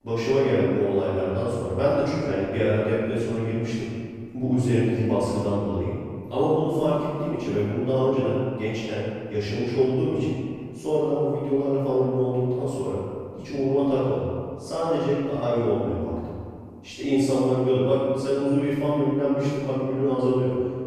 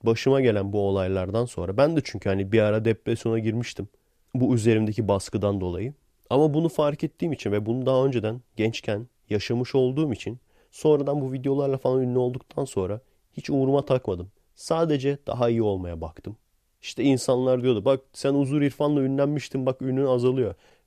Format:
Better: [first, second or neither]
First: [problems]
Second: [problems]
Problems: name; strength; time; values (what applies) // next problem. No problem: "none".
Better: second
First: room echo; strong; dies away in 1.8 s // off-mic speech; far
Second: none